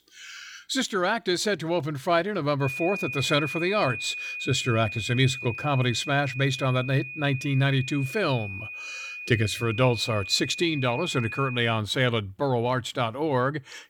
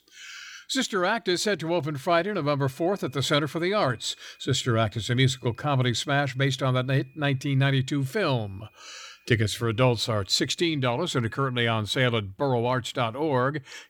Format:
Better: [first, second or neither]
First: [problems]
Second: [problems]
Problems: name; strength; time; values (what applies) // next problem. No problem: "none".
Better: second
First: high-pitched whine; loud; from 2.5 to 12 s; 2.5 kHz, 8 dB below the speech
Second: high-pitched whine; faint; from 2.5 to 12 s; 2.5 kHz, 35 dB below the speech